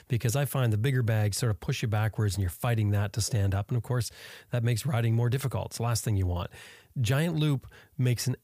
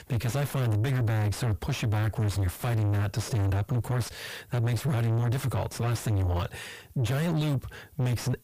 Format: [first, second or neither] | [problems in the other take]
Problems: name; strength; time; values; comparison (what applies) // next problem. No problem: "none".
first | distortion; heavy; 6 dB below the speech